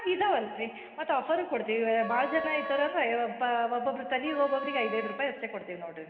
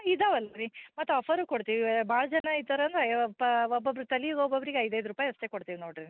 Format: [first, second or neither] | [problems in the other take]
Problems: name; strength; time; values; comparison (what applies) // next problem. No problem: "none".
second | background sound (Wind instrument, woodwind instrument); 11 dB below the speech // room echo; dies away in 2.1 s